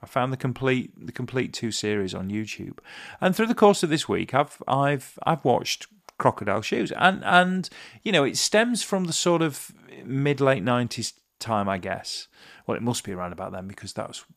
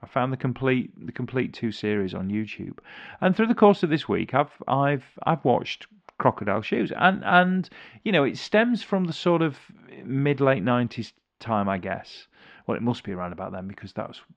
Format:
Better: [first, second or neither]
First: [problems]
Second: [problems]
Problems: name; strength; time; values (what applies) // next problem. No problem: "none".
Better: first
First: none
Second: muffled; slightly; fading above 3 kHz